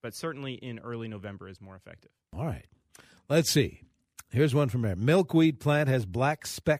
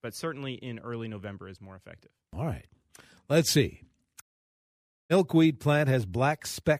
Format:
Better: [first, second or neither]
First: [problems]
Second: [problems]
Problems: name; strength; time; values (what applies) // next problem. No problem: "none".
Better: first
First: none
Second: audio cutting out; at 4 s for 1 s